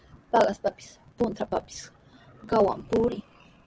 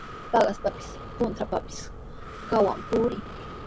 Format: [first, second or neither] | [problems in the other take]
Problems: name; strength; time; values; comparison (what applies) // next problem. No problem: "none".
first | background sound (Breathing); 11 dB below the speech